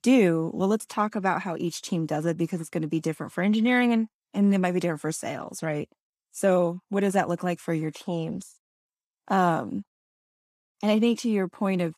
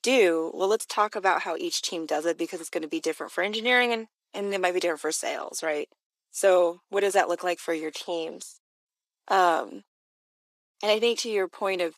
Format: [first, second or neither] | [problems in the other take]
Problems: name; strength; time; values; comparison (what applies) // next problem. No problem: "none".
first | thin; very; fading below 400 Hz